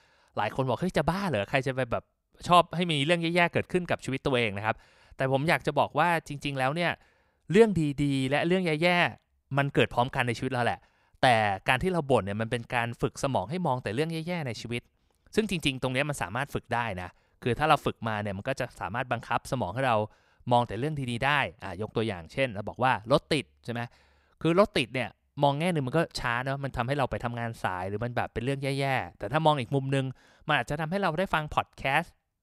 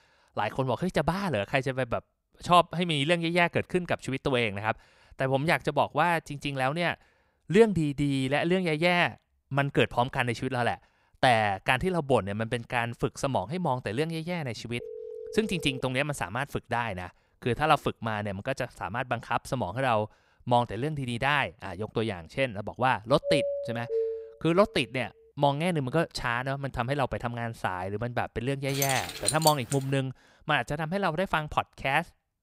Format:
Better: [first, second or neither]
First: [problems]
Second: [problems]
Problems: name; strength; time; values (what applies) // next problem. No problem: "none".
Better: first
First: none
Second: phone ringing; faint; from 15 to 16 s; peak 10 dB below the speech // doorbell; noticeable; from 23 to 24 s; peak 1 dB below the speech // jangling keys; loud; from 29 to 30 s; peak 1 dB above the speech